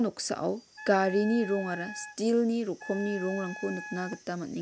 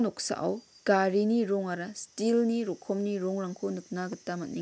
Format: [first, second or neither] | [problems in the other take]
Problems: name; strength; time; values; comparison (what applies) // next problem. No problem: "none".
second | background sound (Wind instrument, woodwind instrument); 13 dB below the speech